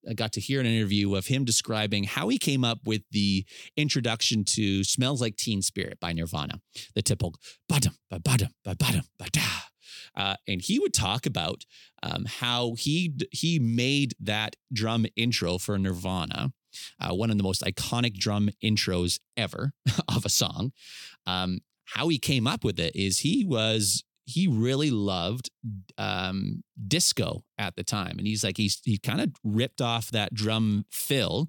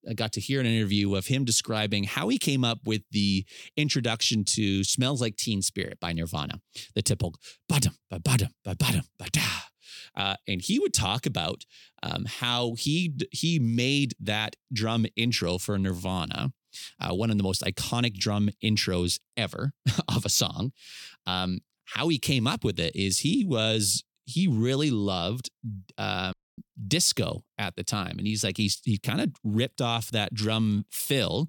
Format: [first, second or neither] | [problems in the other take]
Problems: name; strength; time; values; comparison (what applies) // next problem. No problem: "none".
first | audio cutting out; at 26 s